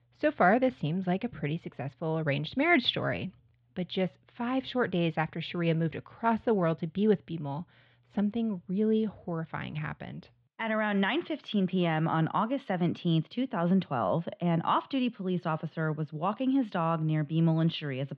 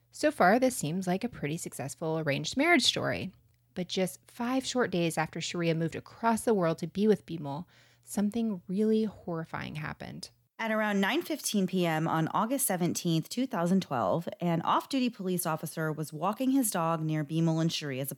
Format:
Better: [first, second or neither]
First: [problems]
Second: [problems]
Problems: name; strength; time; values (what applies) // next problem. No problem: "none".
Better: second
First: muffled; very; fading above 3.5 kHz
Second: none